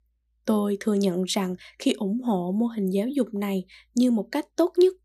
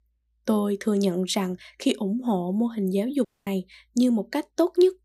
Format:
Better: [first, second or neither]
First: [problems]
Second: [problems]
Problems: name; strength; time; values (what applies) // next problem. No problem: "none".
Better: first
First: none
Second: audio cutting out; at 3.5 s